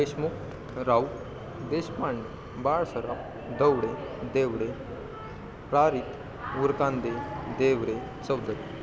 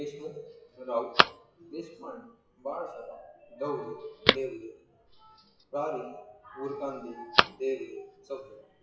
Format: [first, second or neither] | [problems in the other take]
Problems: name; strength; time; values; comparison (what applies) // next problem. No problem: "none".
first | noise reduction (classical method WPE with log-MMSE)